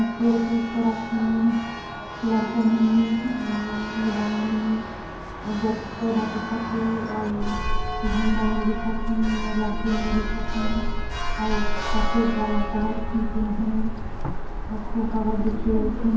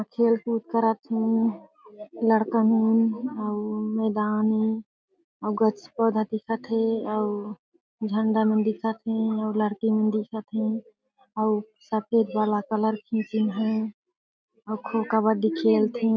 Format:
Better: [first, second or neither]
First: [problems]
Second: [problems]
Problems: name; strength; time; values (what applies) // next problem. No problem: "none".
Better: second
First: background sound (Church bell); 2 dB below the speech // room echo; dies away in 0.9 s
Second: none